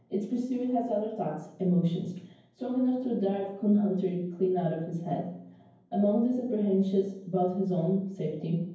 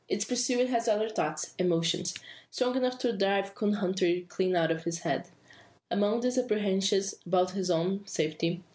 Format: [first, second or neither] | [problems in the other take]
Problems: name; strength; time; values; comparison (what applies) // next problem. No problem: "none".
second | room echo; dies away in 0.9 s